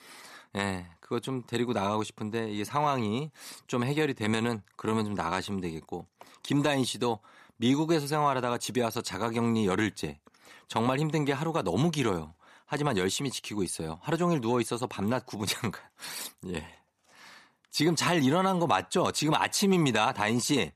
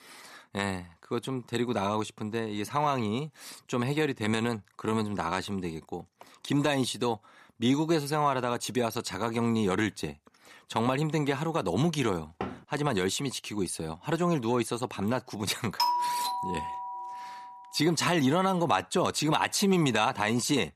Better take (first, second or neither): first